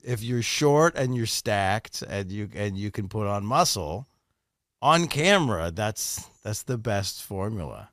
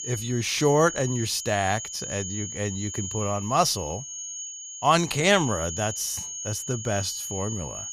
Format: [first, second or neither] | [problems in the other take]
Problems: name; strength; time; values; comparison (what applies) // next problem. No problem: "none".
first | high-pitched whine; loud; throughout; 6.5 kHz, 7 dB below the speech